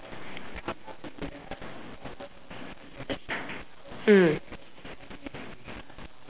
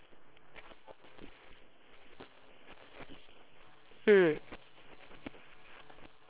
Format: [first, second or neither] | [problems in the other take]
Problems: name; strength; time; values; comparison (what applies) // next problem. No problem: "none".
first | noise reduction (neural separator model SepFormer WHAM!)